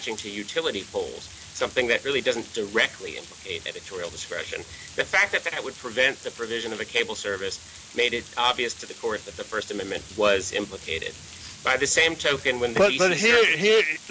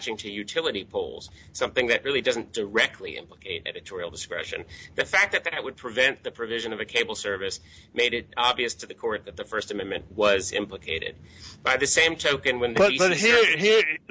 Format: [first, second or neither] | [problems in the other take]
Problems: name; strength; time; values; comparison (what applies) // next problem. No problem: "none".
second | background sound (Water); 18 dB below the speech